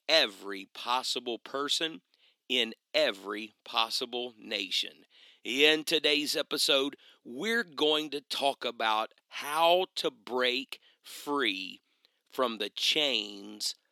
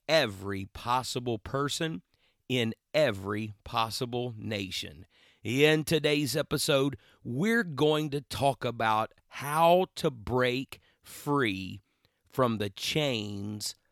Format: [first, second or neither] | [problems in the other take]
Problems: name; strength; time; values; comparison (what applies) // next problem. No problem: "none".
second | thin; very slightly; fading below 250 Hz